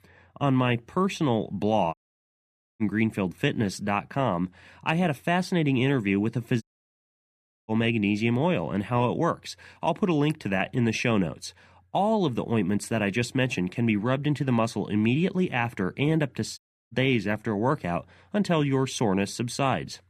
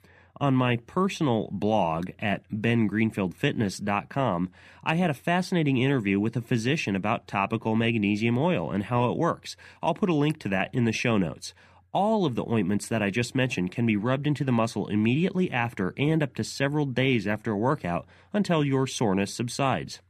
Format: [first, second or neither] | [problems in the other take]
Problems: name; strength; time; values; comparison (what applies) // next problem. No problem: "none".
second | audio cutting out; at 2 s for 1 s, at 6.5 s for 1 s and at 17 s